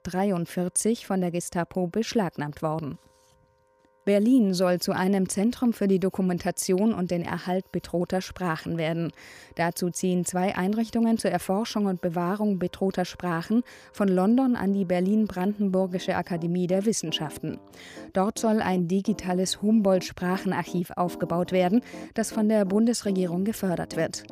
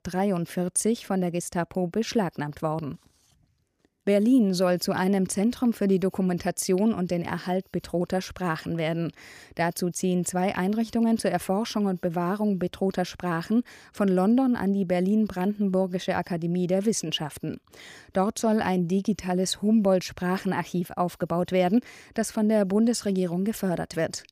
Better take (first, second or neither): second